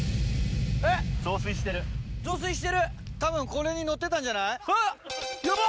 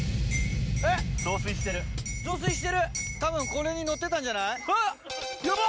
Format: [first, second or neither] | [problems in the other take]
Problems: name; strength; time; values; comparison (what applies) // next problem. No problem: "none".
first | background sound (Liquid + Hi-hat); 11 dB below the speech